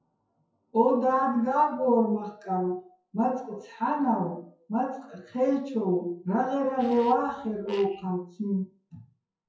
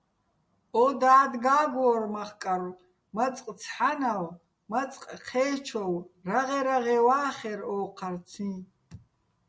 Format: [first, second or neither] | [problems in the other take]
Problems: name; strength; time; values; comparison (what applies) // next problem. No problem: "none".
second | noise reduction (classical method WPE with log-MMSE)